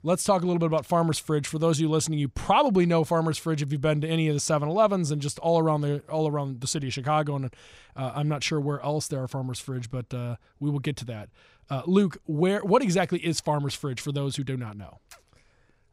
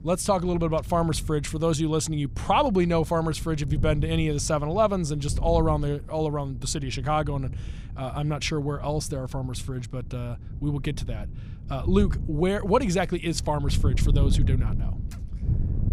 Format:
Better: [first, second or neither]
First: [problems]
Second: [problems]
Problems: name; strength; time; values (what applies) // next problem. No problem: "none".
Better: first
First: none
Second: wind noise on the microphone; occasional gusts; 20 dB below the speech